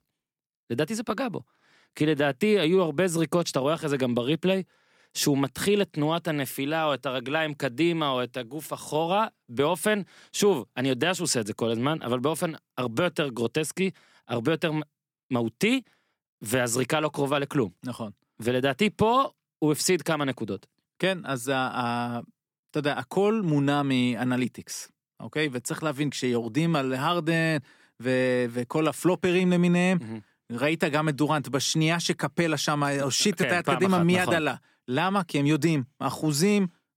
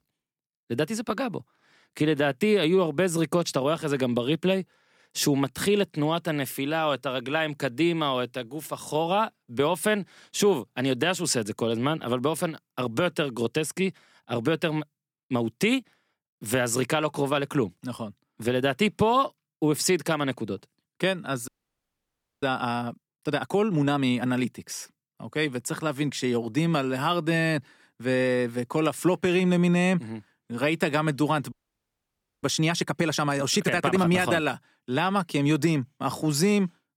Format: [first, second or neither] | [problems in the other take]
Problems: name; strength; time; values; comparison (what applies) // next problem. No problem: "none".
first | audio freezing; at 21 s for 1 s and at 32 s for 1 s